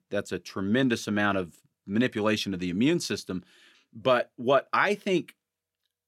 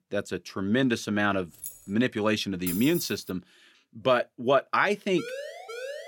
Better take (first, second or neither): first